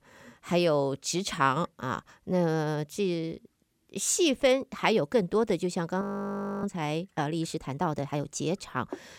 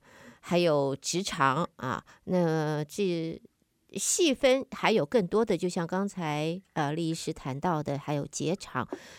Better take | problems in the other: second | audio freezing; at 6 s for 0.5 s

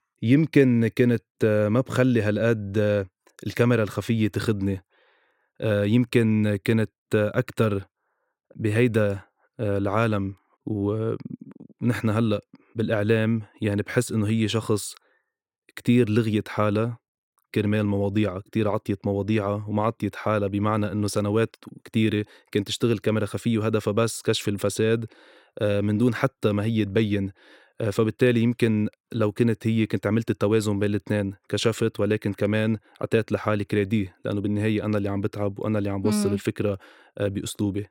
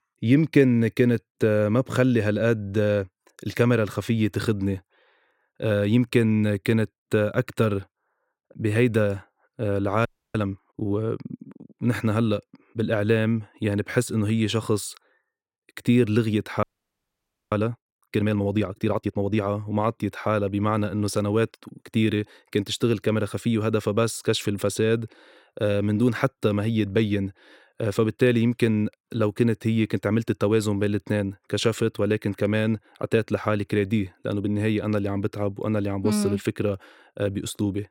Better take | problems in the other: first | audio freezing; at 10 s and at 17 s for 1 s

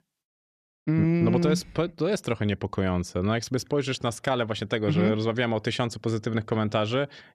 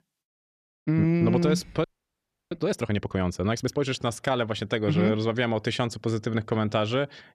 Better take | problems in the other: first | audio freezing; at 2 s for 0.5 s

